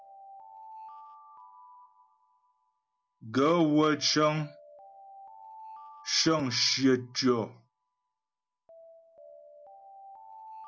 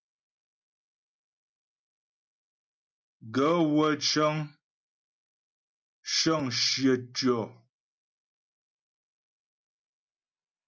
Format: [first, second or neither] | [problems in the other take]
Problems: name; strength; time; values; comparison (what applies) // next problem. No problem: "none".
second | background sound (Alarm); 20 dB below the speech